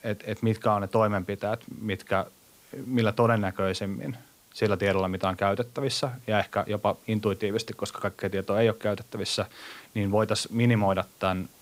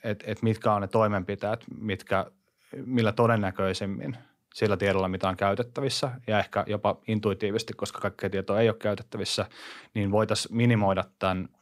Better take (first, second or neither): second